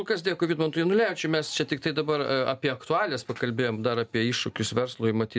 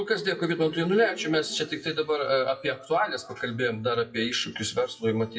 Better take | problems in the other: first | noise reduction (classical method WPE with log-MMSE)

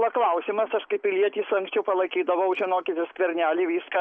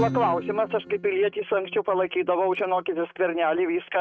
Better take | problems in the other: first | noise reduction (neural mask model RNNoise)

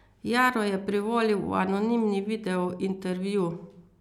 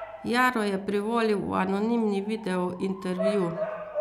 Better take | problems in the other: first | background sound (Bark / Motor vehicle (road) / Siren); 9 dB below the speech

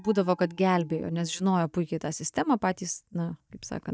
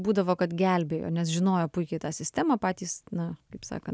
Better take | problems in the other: second | noise reduction (neural mask model DeepFilterNet 3)

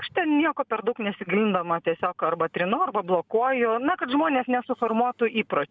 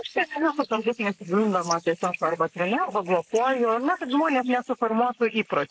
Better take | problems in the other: first | noise reduction (neural mask model Resemble Enhance denoiser)

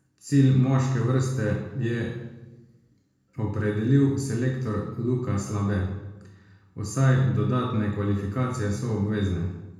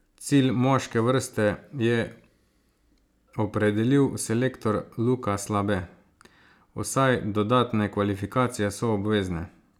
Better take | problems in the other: second | room echo; dies away in 1 s

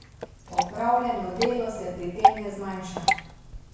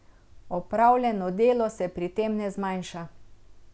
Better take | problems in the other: second | background sound (Drip / Water); 1 dB above the speech // room echo; dies away in 1 s

